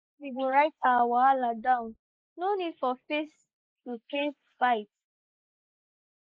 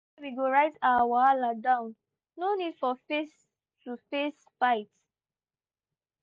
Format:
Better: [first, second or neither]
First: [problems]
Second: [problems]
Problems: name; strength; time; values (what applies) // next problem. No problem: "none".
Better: second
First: noise reduction (neural mask model Resemble Enhance denoiser)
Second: none